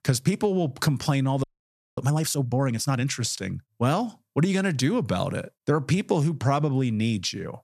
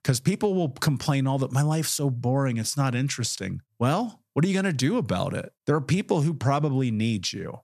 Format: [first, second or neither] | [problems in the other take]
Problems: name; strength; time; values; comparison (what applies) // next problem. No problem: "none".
second | audio freezing; at 1.5 s for 0.5 s